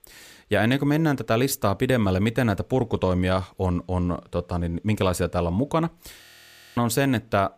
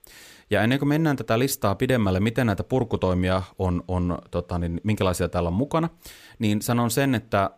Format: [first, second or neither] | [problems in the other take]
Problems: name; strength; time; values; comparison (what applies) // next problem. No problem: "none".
second | audio freezing; at 6 s for 0.5 s